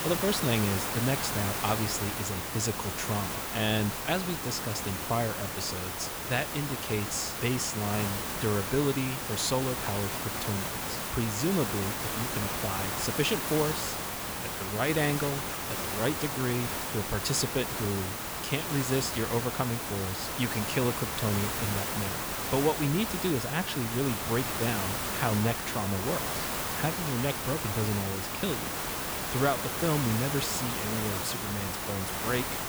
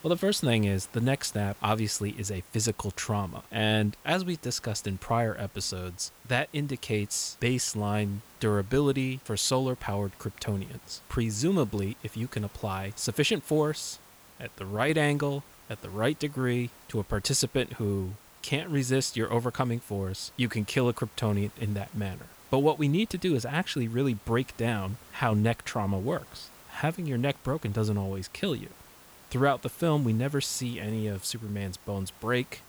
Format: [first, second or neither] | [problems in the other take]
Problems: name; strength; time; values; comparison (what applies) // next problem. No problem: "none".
second | hiss; loud; throughout; as loud as the speech; faint in the second